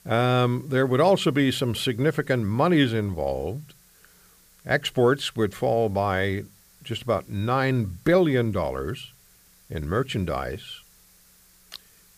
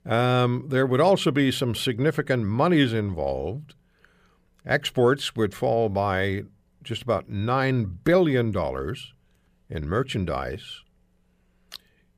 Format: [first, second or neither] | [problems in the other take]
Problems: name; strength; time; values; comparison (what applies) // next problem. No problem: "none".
second | hiss; faint; throughout; 30 dB below the speech